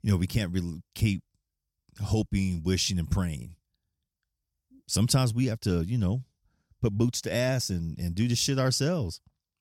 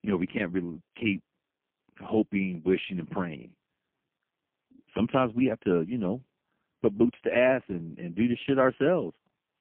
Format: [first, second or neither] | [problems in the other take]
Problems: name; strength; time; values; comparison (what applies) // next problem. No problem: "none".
first | phone-call audio; poor line